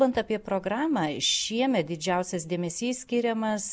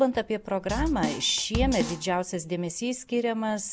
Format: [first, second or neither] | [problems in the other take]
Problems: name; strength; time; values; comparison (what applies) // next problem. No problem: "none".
first | background sound (Drum kit); 5 dB below the speech